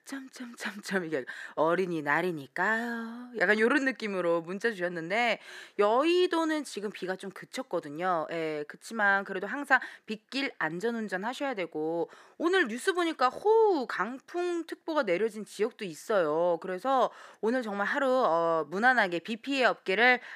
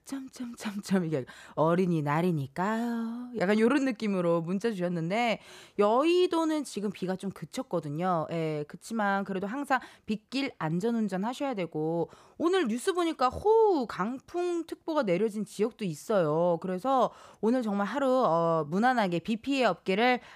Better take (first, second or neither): second